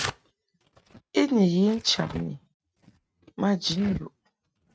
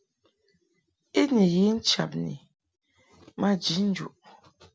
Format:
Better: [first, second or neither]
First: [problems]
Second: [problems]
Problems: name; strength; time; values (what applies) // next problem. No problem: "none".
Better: second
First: noise reduction (neural mask model RNNoise)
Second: none